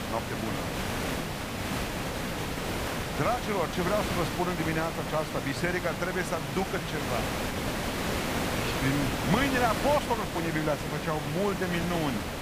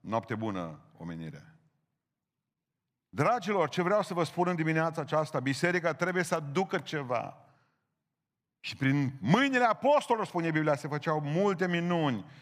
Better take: second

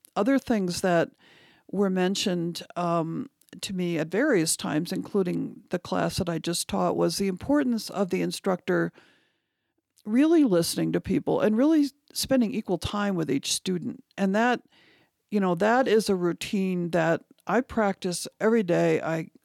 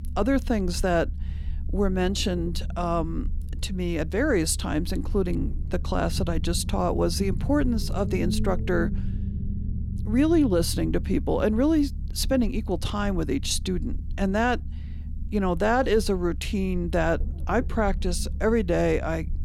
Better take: first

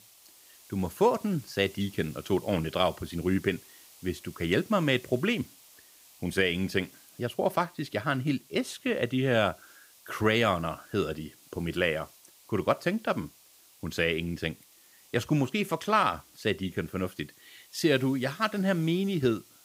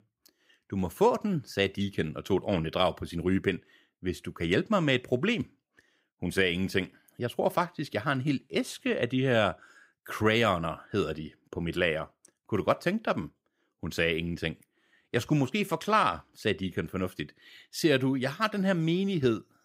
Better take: second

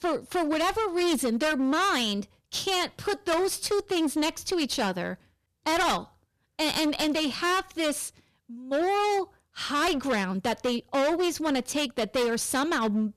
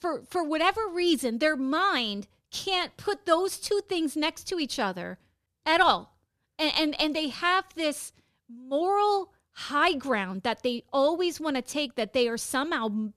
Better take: second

